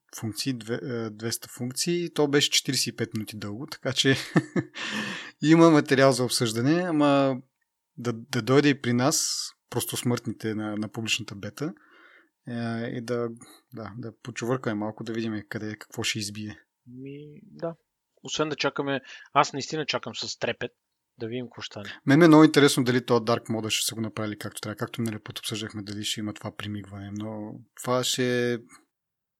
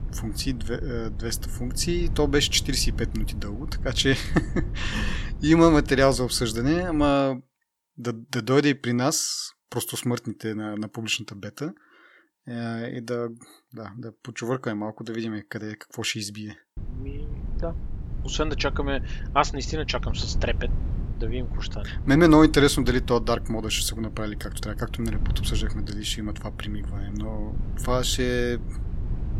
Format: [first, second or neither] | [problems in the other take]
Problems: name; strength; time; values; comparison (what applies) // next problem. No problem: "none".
first | low rumble; faint; until 7 s and from 17 s on; 20 dB below the speech